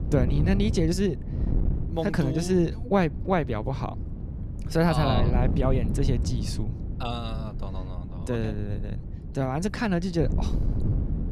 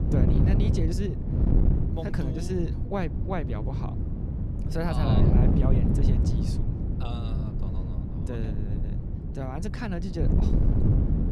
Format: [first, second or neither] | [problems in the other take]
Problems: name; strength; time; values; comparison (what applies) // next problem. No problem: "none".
first | wind noise on the microphone; heavy; 1 dB below the speech; occasional gusts in the first